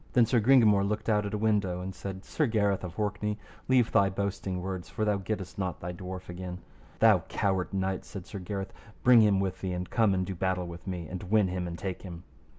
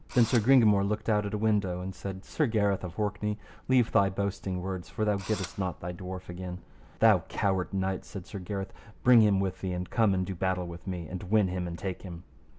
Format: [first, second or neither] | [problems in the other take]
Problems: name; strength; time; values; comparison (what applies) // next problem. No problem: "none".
first | background sound (Engine / Drill); 15 dB below the speech